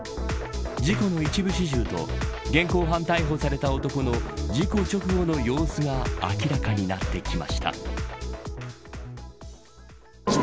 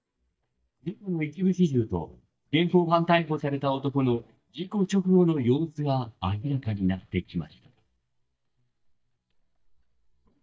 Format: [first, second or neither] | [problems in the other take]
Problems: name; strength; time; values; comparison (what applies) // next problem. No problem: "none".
first | noise reduction (neural mask model DeepFilterNet 3)